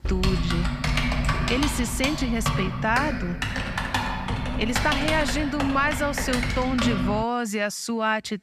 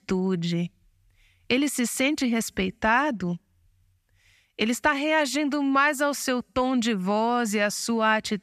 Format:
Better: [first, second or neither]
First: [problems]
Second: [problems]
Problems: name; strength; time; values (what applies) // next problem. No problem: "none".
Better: second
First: keyboard typing; loud; until 7 s; peak 2 dB above the speech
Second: none